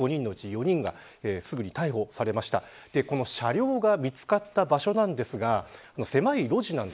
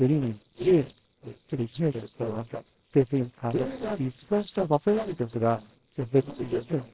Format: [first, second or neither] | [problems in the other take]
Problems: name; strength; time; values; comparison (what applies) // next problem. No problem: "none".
first | noise reduction (neural separator model SepFormer WHAMR!)